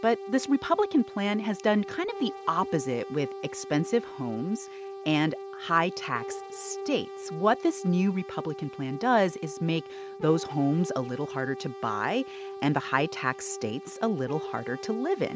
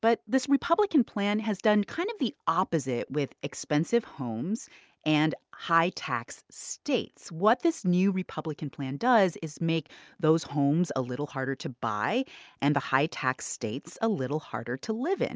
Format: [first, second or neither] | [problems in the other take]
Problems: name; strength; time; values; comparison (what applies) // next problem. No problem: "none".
second | background sound (Brass instrument); 11 dB below the speech